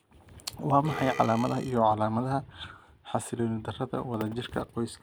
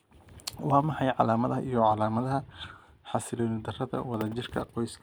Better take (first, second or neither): second